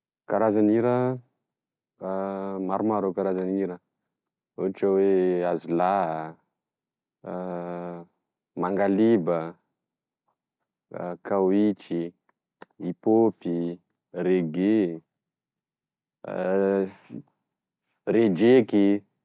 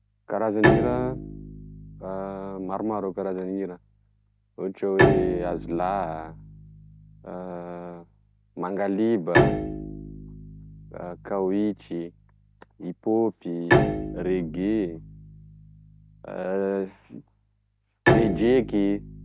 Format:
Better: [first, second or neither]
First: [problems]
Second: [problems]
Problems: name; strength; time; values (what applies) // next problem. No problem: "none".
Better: first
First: none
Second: background sound (Bowed string instrument); 1 dB below the speech